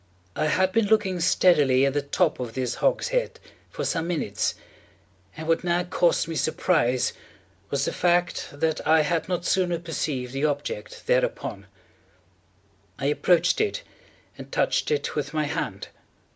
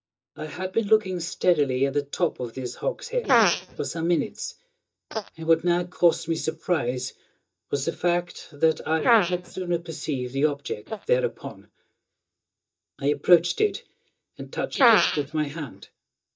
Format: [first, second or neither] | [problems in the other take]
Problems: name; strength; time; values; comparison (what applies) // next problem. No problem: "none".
first | noise reduction (neural mask model DeepFilterNet 3)